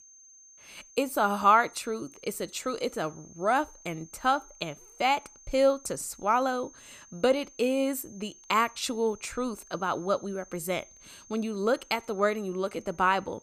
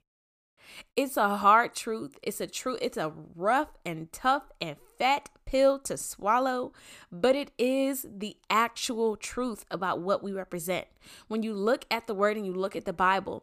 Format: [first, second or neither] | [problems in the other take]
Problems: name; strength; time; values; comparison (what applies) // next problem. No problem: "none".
second | high-pitched whine; faint; throughout; 6.5 kHz, 25 dB below the speech